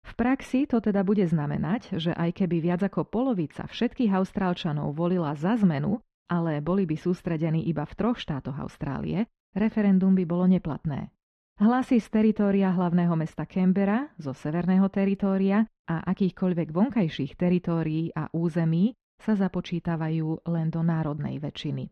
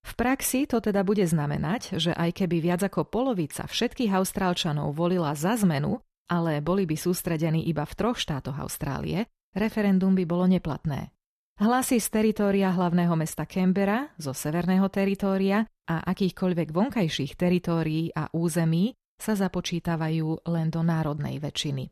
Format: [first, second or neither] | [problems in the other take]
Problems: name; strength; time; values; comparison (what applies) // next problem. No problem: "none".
second | muffled; slightly; fading above 3 kHz